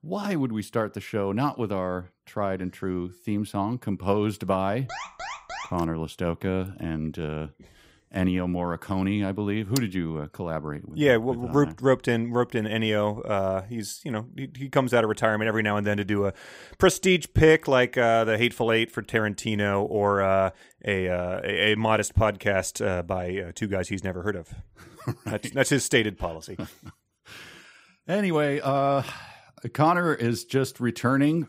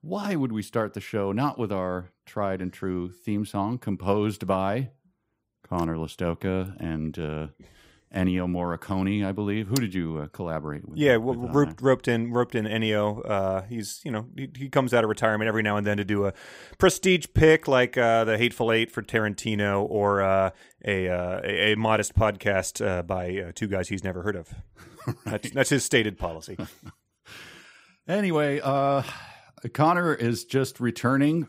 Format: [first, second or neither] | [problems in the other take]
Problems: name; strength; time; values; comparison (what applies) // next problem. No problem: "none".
second | alarm; noticeable; at 5 s; peak 10 dB below the speech